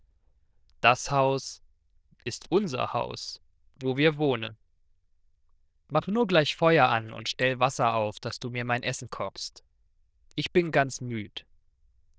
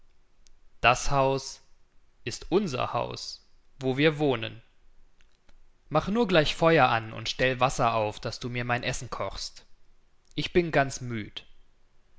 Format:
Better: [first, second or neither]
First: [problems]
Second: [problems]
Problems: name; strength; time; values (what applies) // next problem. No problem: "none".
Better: second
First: noise reduction (neural diffusion model UNIVERSE++)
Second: none